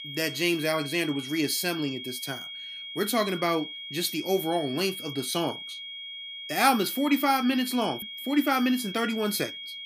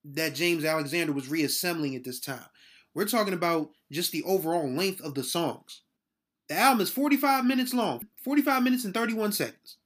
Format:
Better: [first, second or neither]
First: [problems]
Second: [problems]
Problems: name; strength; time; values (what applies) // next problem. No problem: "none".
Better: second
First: high-pitched whine; loud; throughout; 3.5 kHz, 9 dB below the speech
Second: none